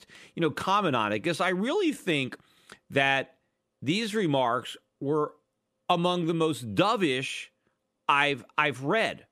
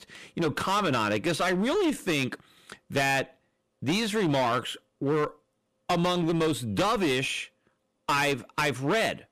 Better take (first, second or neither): first